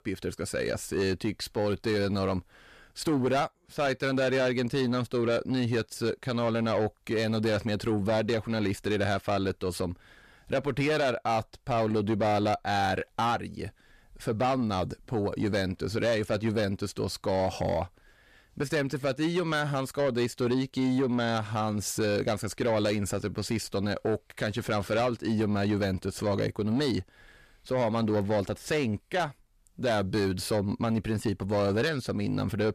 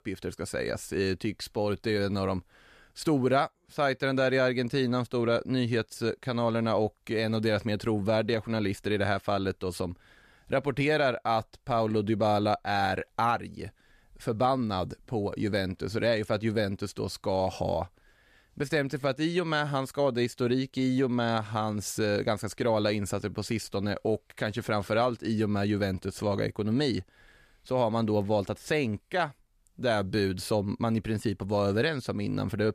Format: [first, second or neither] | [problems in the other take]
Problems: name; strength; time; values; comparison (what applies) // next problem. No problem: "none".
second | distortion; slight; 10 dB below the speech